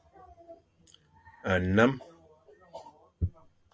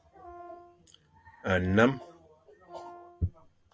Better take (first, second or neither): first